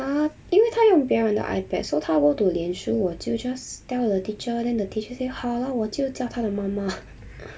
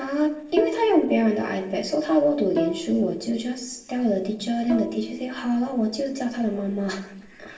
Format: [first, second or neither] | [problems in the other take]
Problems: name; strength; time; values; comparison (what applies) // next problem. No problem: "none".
first | noise reduction (neural separator model SepFormer DNS4)